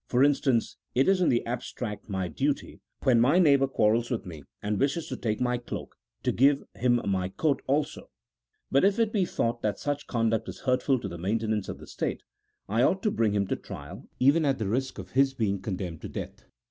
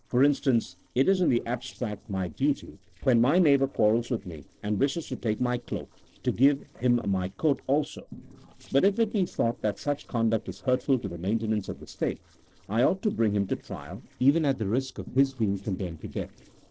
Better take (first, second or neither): first